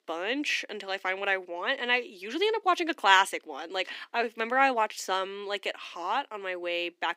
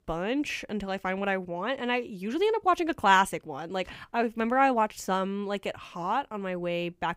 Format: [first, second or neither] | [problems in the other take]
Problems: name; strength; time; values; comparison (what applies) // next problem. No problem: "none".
second | thin; somewhat; fading below 250 Hz